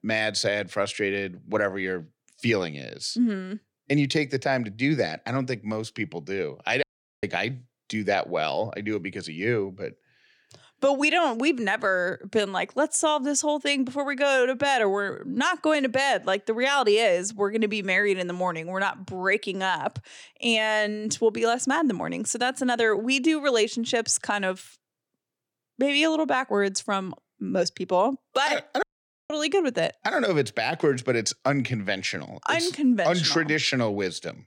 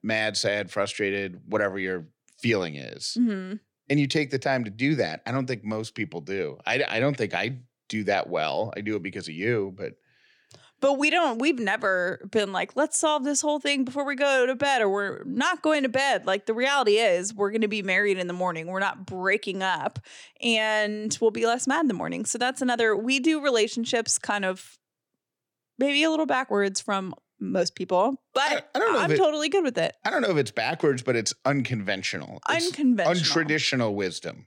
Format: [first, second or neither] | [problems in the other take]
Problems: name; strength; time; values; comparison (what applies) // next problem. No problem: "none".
second | audio cutting out; at 7 s and at 29 s